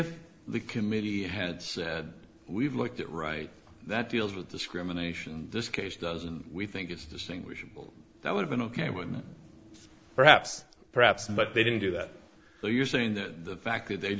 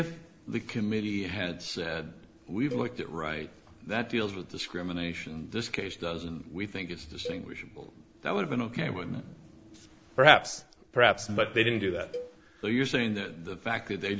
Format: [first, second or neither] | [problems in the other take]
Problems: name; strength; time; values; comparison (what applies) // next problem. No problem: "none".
first | background sound (Cowbell); 15 dB below the speech